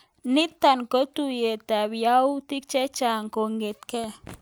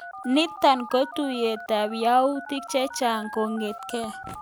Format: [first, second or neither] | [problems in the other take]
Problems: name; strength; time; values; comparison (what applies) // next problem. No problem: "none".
first | background sound (Telephone); 14 dB below the speech